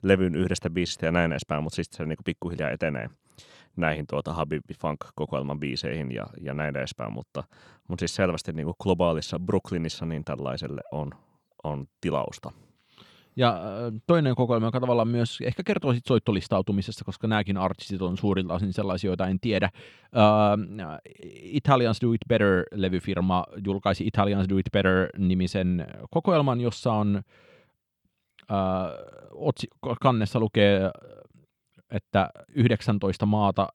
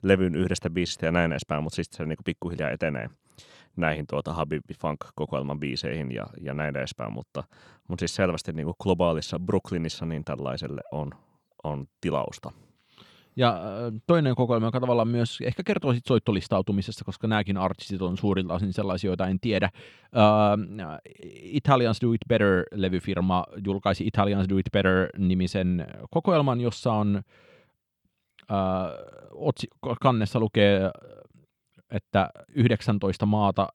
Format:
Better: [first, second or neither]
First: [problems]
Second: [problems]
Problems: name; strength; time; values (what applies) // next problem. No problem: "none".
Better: neither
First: none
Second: none